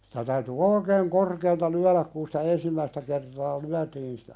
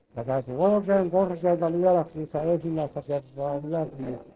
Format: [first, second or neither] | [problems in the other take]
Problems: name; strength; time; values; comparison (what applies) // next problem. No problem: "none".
first | noise reduction (neural separator model SepFormer DNS4)